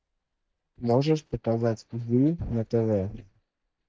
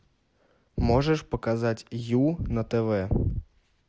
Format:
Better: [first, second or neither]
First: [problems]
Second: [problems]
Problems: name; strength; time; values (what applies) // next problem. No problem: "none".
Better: second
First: noise reduction (neural mask model DeepFilterNet 3)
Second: none